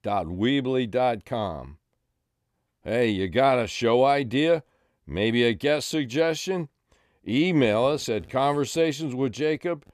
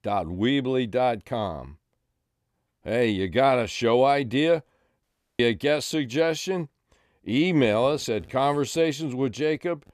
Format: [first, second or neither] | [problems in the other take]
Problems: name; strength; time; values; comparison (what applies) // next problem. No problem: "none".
first | audio cutting out; at 5 s